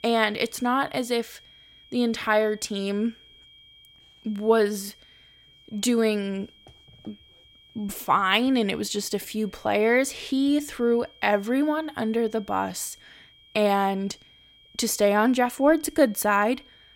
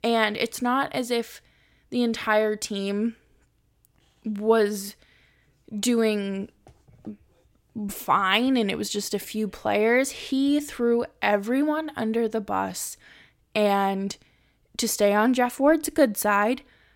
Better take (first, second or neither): second